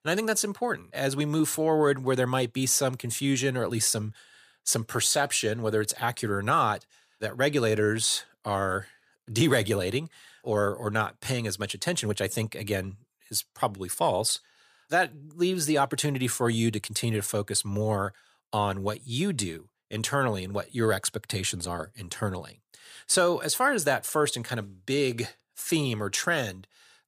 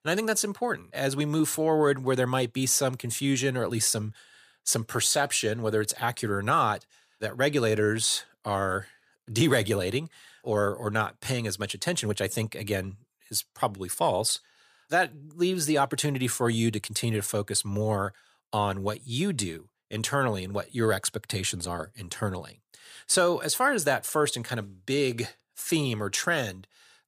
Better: neither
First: none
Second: none

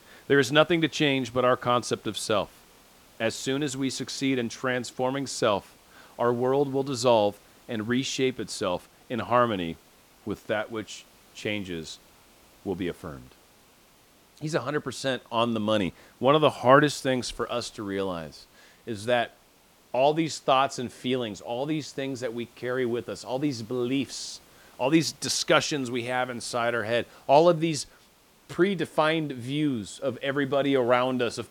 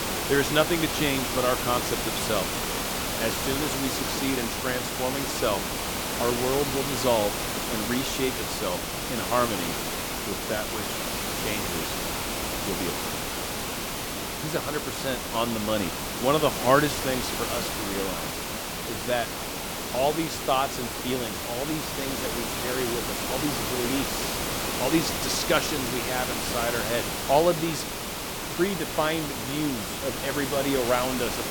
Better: first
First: hiss; faint; throughout; 30 dB below the speech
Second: hiss; loud; throughout; as loud as the speech

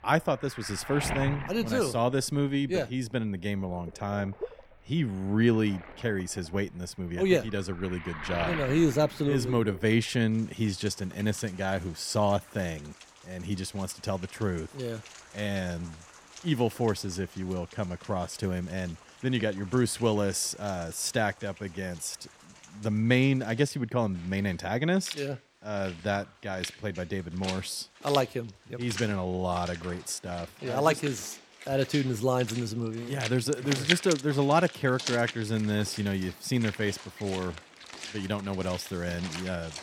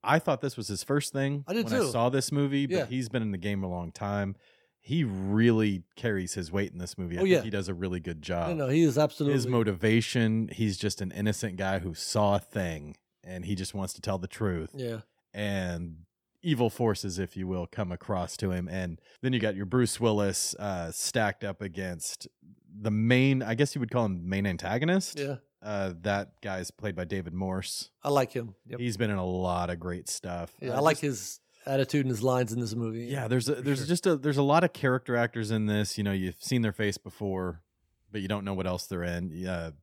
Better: second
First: rain or running water; noticeable; throughout; 10 dB below the speech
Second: none

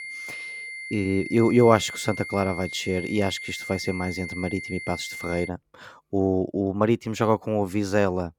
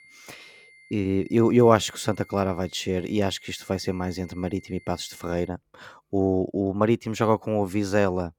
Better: second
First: high-pitched whine; loud; until 5.5 s; 2 kHz, 9 dB below the speech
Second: high-pitched whine; faint; until 5.5 s; 2 kHz, 25 dB below the speech

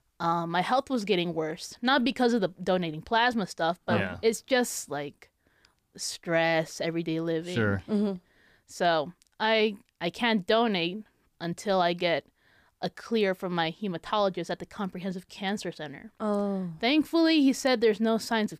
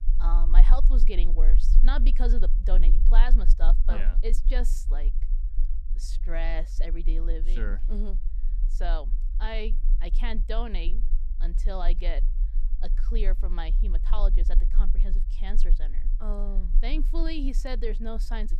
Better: first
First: none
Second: low rumble; noticeable; throughout; 15 dB below the speech

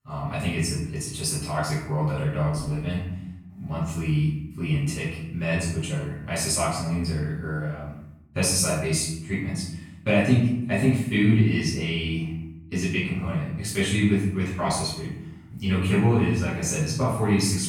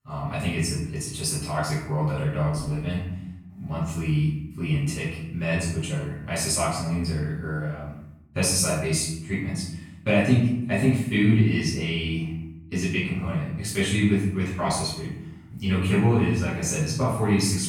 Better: neither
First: off-mic speech; far // room echo; noticeable; dies away in 0.9 s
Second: off-mic speech; far // room echo; noticeable; dies away in 0.9 s

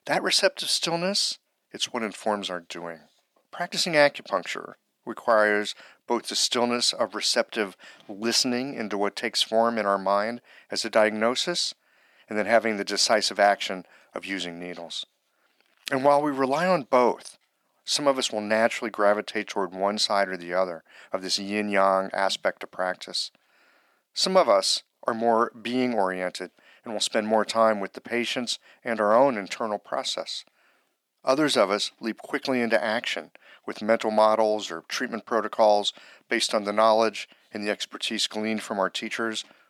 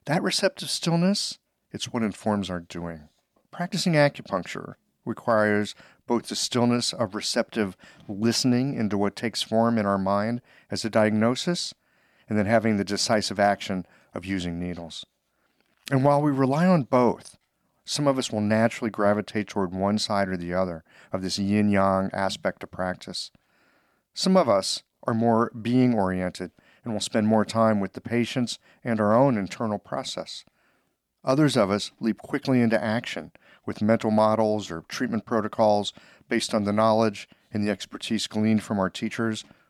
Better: second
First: thin; somewhat; fading below 400 Hz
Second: none

